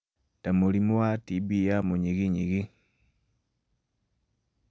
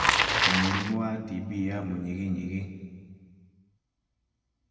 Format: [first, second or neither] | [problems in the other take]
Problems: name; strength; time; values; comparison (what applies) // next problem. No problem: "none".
first | background sound (Bicycle); 1 dB above the speech // room echo; dies away in 1.6 s